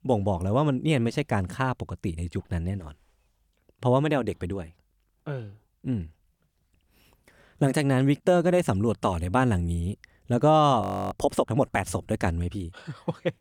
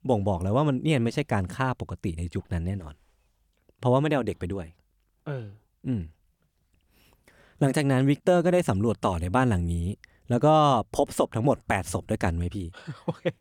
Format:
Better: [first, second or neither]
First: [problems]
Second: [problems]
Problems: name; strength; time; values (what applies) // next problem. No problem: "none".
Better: second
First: audio freezing; at 11 s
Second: none